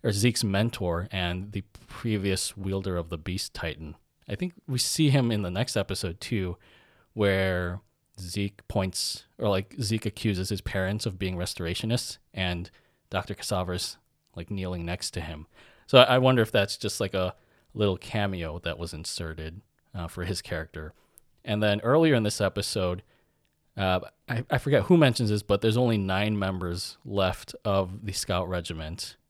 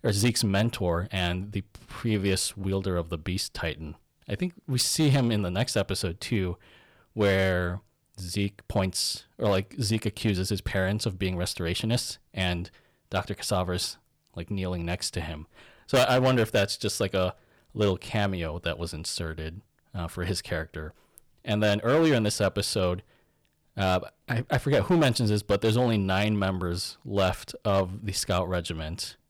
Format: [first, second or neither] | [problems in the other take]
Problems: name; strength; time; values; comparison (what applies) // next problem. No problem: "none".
first | distortion; slight; 3% of the sound clipped